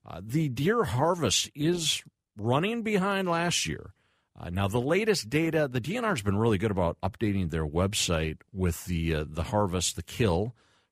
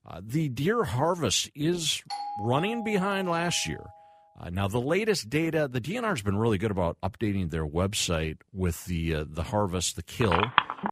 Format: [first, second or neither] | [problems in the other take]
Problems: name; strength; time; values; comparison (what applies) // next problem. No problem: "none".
first | doorbell; noticeable; from 2 to 4 s; peak 7 dB below the speech // phone ringing; loud; at 10 s; peak 4 dB above the speech